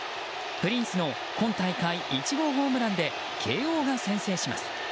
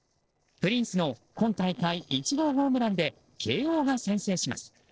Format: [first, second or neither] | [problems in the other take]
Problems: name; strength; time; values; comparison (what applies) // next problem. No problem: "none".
first | noise reduction (neural separator model SepFormer DNS4)